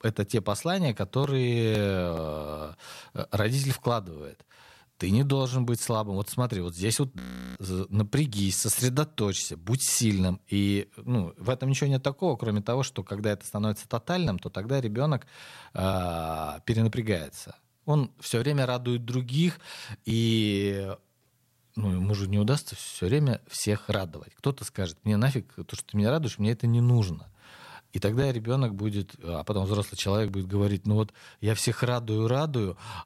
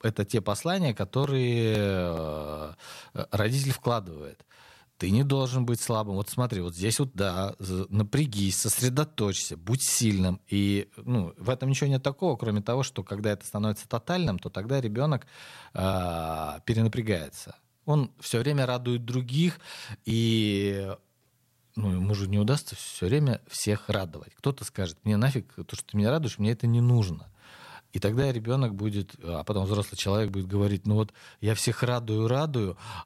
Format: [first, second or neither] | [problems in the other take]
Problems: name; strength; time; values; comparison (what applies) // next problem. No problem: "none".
second | audio freezing; at 7 s